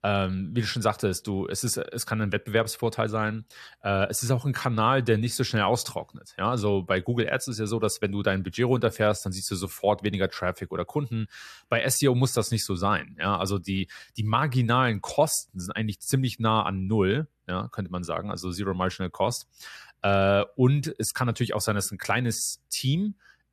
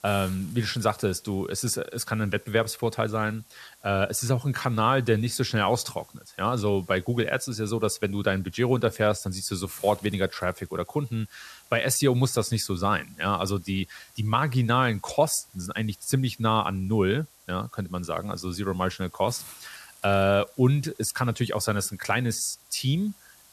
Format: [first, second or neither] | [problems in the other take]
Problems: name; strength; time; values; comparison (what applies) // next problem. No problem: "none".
first | hiss; faint; throughout; 25 dB below the speech